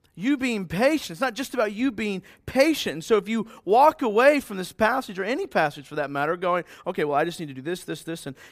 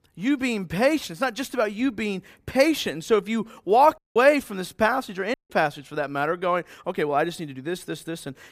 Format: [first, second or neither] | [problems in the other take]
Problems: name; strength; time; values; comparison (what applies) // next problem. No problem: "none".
first | audio cutting out; at 4 s and at 5.5 s